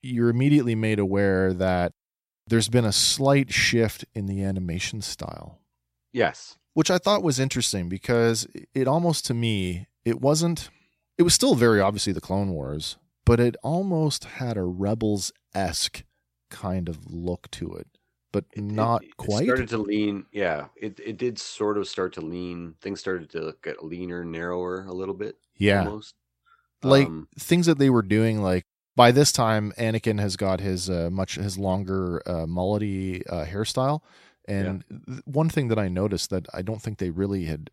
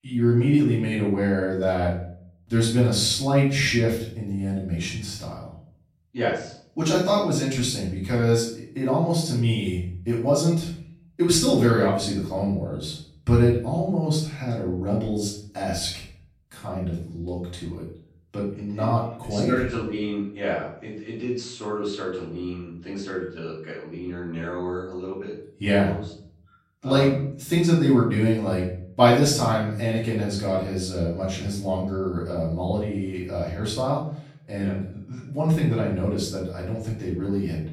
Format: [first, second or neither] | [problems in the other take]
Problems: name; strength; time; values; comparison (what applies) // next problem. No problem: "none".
first | off-mic speech; far // room echo; noticeable; dies away in 0.5 s